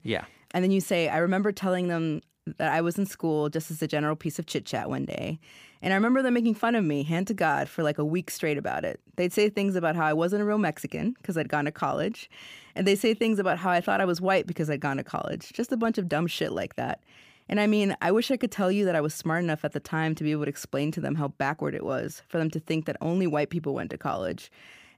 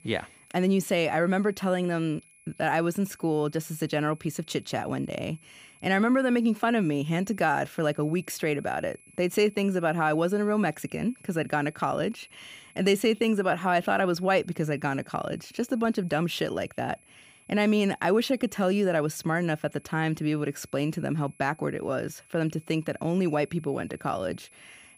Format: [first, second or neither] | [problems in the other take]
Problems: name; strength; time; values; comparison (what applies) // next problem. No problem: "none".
first | high-pitched whine; faint; throughout; 11 kHz, 30 dB below the speech